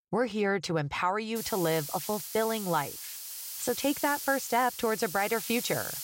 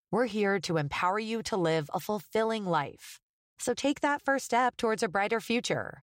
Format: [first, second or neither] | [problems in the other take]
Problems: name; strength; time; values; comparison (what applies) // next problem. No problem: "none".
second | hiss; loud; from 1.5 s on; 7 dB below the speech